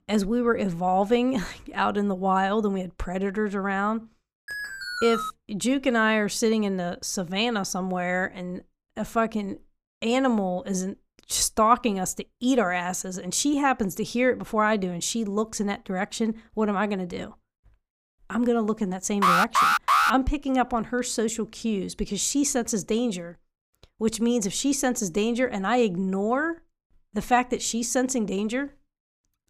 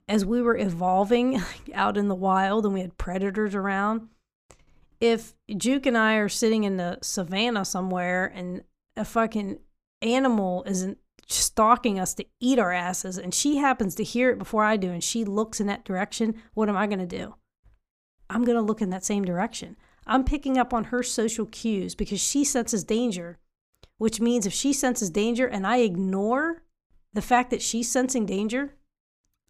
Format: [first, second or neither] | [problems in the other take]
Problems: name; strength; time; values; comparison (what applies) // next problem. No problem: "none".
second | alarm; noticeable; at 4.5 s; peak 4 dB below the speech // alarm; loud; at 19 s; peak 6 dB above the speech